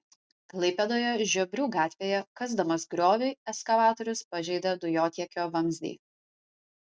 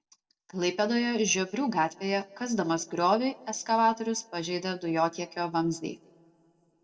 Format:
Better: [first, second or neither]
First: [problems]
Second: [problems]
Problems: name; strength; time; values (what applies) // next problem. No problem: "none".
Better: first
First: none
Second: room echo; dies away in 0.7 s